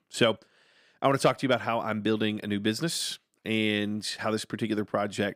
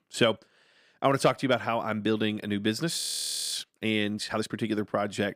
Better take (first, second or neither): first